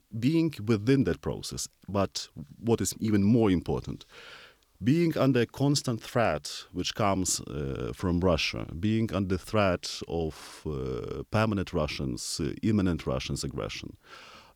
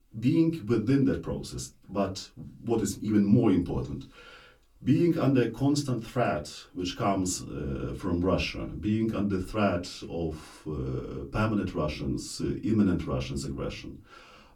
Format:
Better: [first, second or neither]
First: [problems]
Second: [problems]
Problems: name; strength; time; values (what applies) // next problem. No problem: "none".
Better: first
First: none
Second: off-mic speech; far // room echo; very slight; dies away in 0.2 s